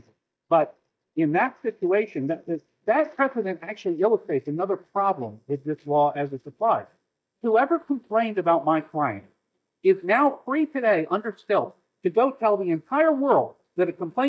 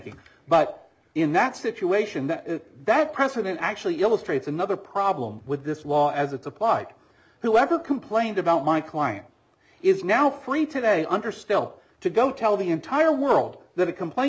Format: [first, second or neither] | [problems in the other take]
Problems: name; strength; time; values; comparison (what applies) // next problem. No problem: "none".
second | noise reduction (neural mask model DeepFilterNet 3)